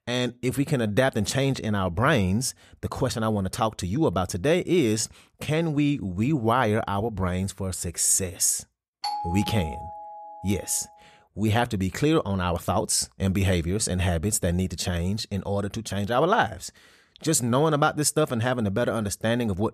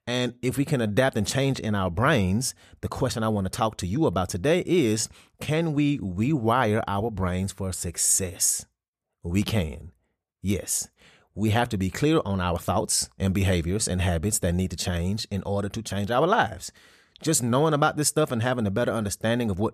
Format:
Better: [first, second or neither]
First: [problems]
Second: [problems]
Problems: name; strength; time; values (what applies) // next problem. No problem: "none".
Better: second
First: doorbell; noticeable; from 9 to 11 s; peak 5 dB below the speech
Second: none